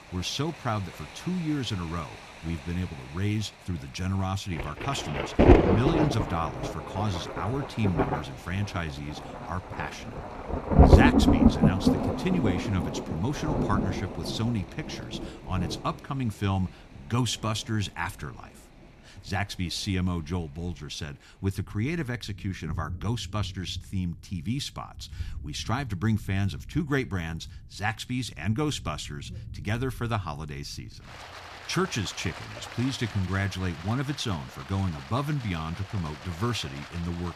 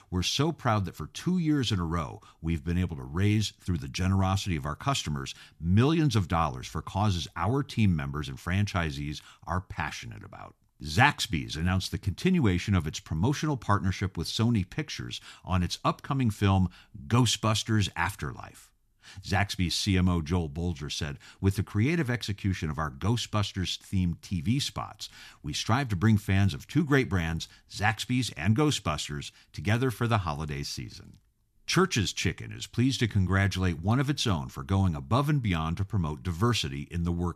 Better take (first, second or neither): second